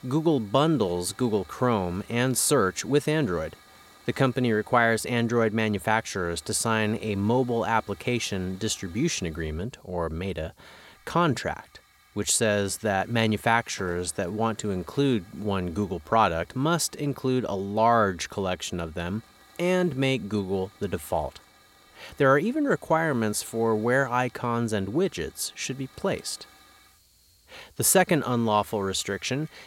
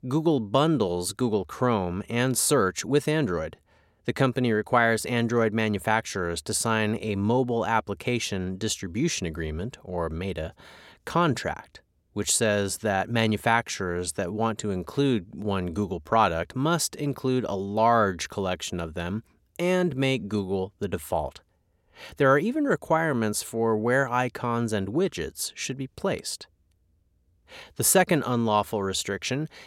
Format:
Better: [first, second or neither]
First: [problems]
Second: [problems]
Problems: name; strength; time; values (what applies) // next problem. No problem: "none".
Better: second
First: hiss; faint; throughout; 25 dB below the speech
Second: none